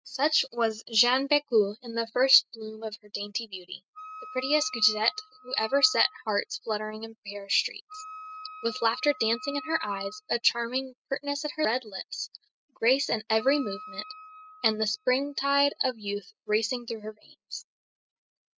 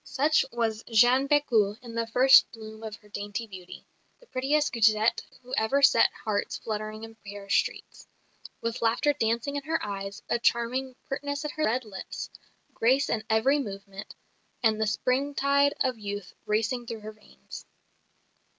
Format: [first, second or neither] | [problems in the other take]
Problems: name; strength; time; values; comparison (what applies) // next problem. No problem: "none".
second | noise reduction (classical method spectral subtraction)